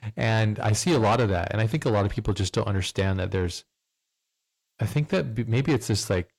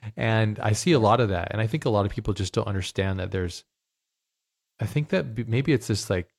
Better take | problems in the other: second | distortion; slight; 10 dB below the speech

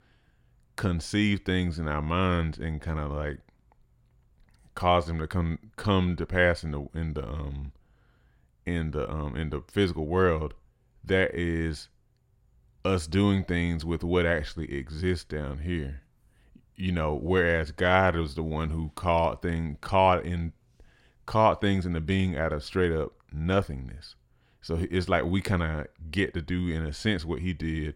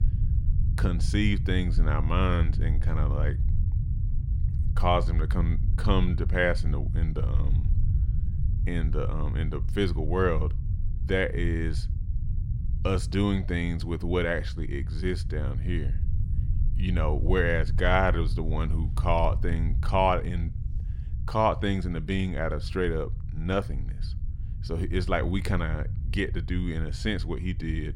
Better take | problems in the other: first | low rumble; noticeable; throughout; 15 dB below the speech

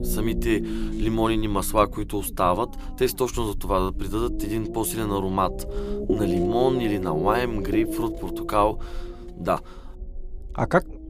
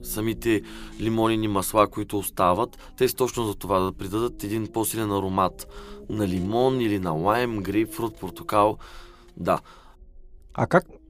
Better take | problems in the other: second | low rumble; loud; throughout; 8 dB below the speech; faint in the second

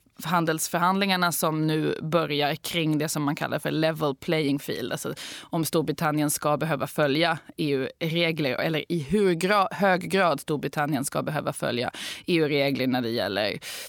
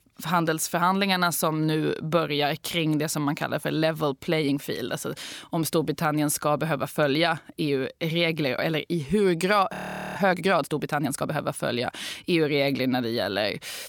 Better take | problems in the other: first | audio freezing; at 9.5 s

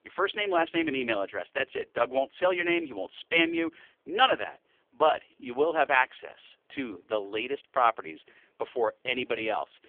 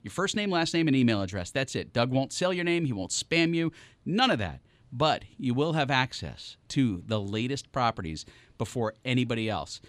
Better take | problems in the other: second | phone-call audio; poor line; nothing above 3 kHz

